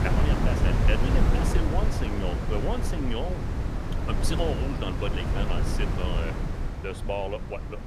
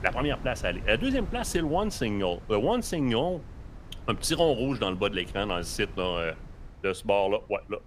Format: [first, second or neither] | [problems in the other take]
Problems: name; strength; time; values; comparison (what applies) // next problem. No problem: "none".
second | wind noise on the microphone; heavy; 1 dB below the speech; occasional gusts in the second